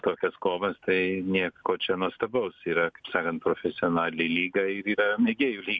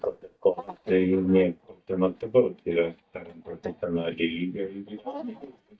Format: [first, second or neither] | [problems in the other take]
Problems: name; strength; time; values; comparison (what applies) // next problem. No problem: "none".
first | noise reduction (neural mask model DeepFilterNet 3)